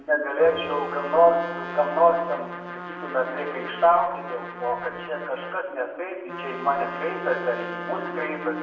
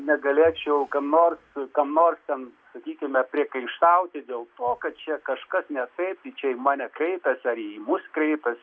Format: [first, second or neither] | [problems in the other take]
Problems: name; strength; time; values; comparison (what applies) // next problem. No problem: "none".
second | background sound (Trumpet); 11 dB below the speech // room echo; dies away in 1 s